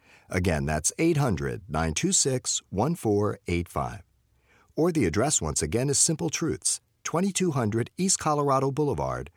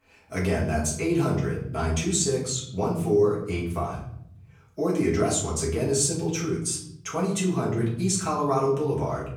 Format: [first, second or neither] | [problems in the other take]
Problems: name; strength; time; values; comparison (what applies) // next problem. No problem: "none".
first | off-mic speech; far // room echo; noticeable; dies away in 0.8 s